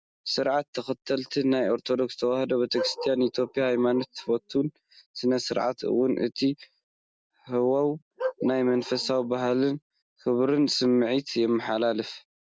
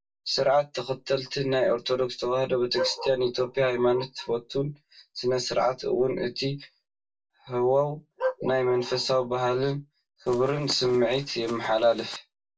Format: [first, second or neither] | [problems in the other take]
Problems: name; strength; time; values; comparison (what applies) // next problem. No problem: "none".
first | background sound (Run); 18 dB below the speech // room echo; dies away in 0.1 s